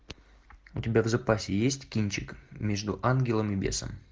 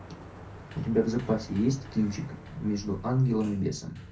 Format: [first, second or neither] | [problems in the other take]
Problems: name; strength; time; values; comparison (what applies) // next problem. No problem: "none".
first | background sound (Sliding door); 16 dB below the speech // room echo; dies away in 0.3 s